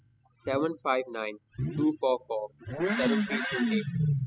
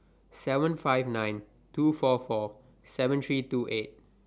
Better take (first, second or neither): second